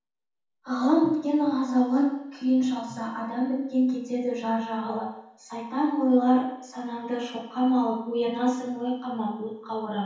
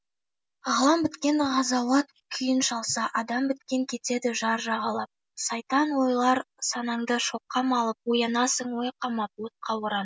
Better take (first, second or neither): second